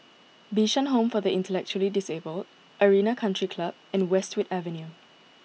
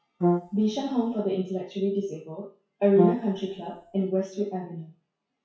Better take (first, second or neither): first